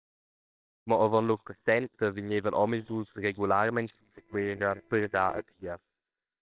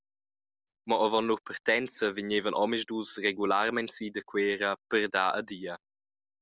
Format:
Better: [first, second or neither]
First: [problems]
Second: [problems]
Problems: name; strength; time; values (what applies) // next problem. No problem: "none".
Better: second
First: noise reduction (neural separator model SepFormer WHAMR!)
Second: none